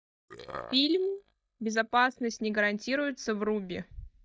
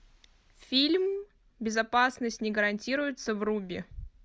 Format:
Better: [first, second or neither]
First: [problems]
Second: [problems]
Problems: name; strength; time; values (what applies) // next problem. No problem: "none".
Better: second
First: noise reduction (neural mask model DeepFilterNet 3)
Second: none